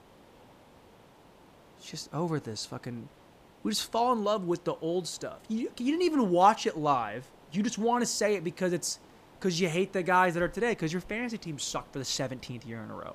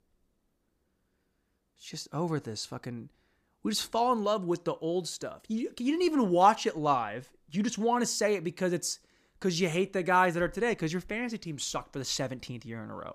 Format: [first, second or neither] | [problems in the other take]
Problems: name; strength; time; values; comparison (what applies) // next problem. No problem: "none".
second | hiss; faint; throughout; 25 dB below the speech